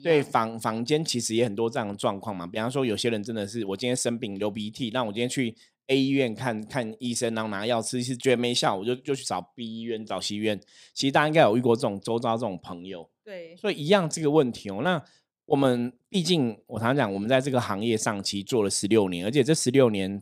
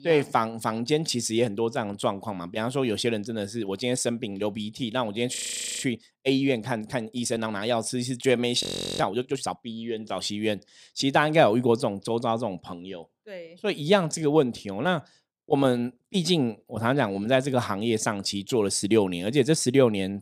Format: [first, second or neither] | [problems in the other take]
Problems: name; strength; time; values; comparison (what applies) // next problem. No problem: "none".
first | audio freezing; at 5.5 s and at 8.5 s